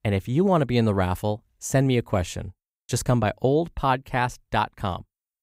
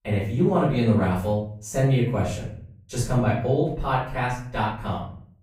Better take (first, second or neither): first